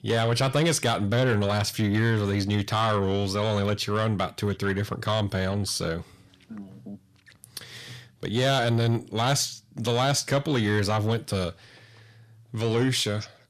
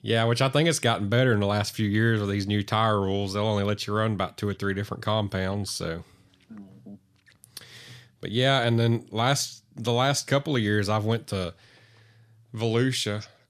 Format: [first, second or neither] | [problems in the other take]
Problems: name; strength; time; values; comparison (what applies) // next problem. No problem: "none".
second | distortion; slight; 10 dB below the speech